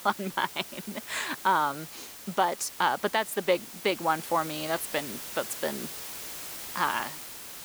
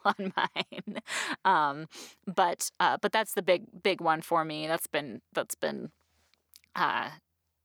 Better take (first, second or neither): second